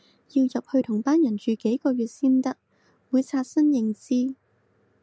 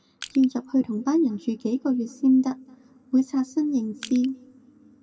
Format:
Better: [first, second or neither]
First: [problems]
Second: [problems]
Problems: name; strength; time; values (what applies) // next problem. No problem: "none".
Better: first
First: none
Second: background sound (Crushing); 18 dB below the speech // room echo; dies away in 1.6 s